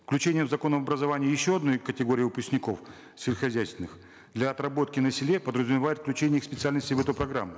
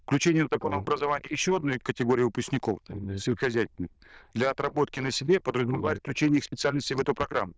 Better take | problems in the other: first | noise reduction (neural diffusion model UNIVERSE++)

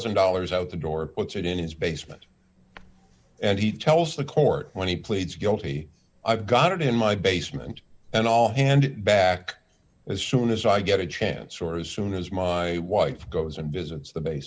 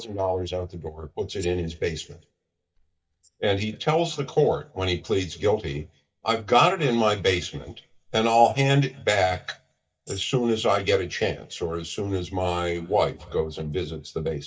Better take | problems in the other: first | noise reduction (neural mask model DeepFilterNet 3)

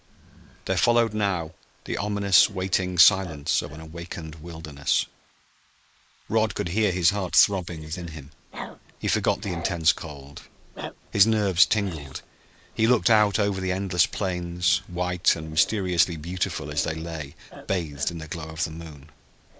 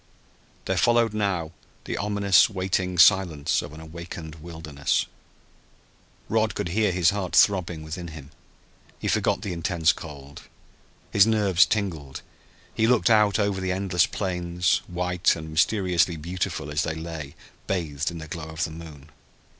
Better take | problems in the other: second | noise reduction (neural mask model Resemble Enhance denoiser)

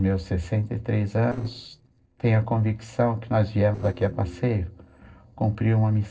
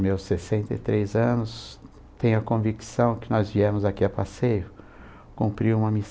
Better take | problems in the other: second | noise reduction (neural separator model SepFormer DNS4)

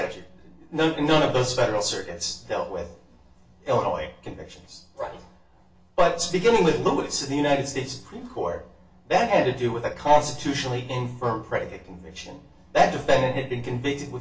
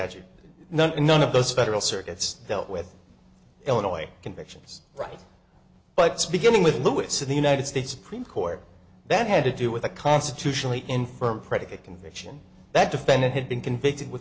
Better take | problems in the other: second | room echo; dies away in 0.3 s

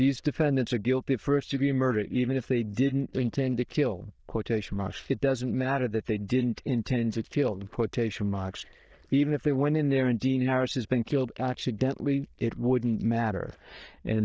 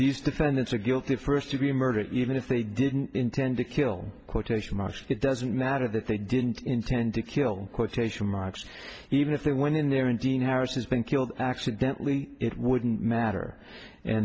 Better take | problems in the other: second | noise reduction (neural diffusion model UNIVERSE++)

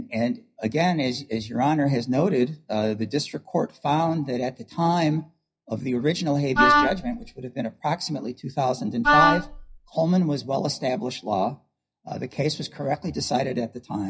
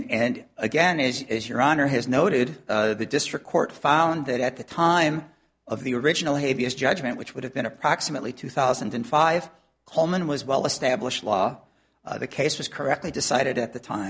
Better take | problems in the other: second | noise reduction (classical method WPE with log-MMSE)

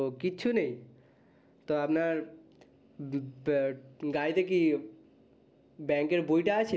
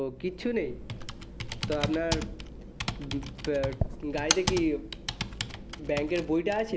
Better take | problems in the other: first | background sound (Computer keyboard); 3 dB below the speech

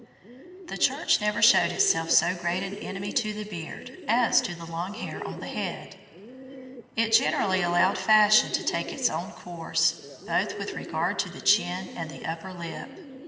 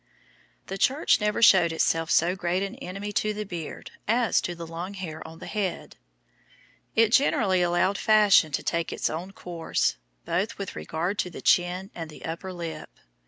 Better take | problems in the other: second | background sound (Bird); 13 dB below the speech // room echo; dies away in 2.2 s

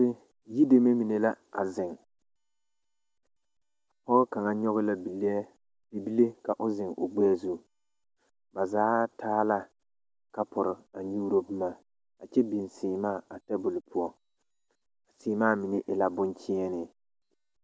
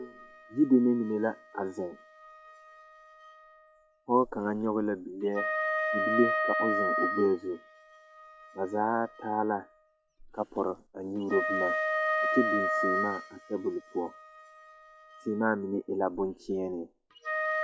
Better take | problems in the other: first | noise reduction (classical method log-MMSE)

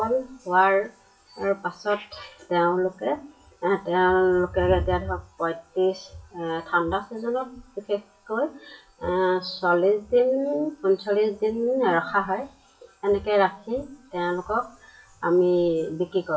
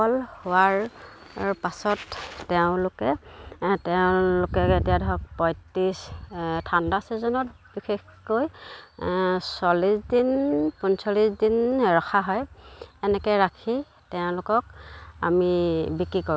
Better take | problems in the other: second | noise reduction (classical method WPE with log-MMSE)

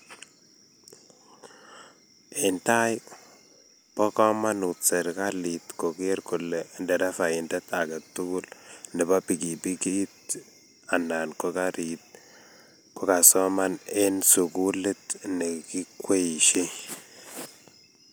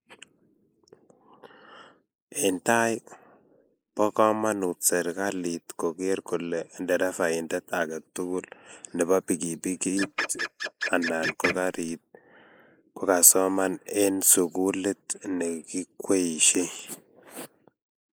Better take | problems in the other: first | noise reduction (neural mask model Resemble Enhance denoiser)

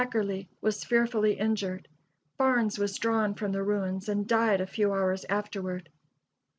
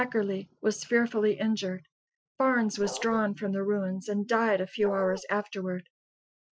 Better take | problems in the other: first | noise reduction (classical method Wiener filter)

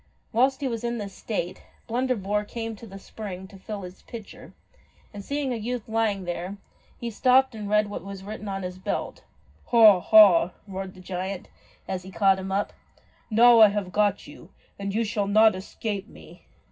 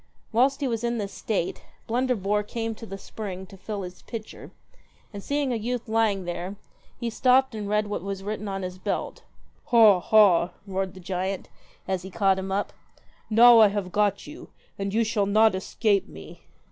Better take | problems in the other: second | room echo; dies away in 0.4 s

